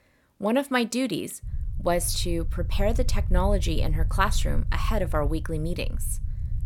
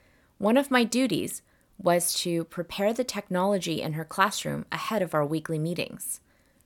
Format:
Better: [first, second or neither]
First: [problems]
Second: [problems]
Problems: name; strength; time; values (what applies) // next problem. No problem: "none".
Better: second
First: low rumble; faint; from 1.5 s on; 20 dB below the speech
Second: none